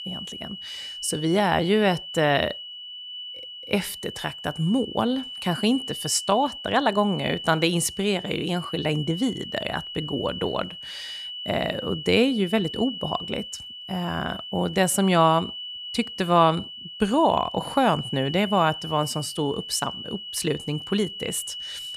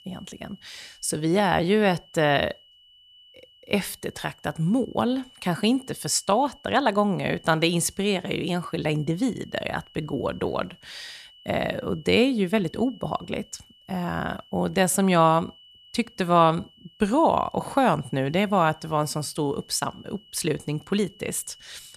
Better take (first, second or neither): second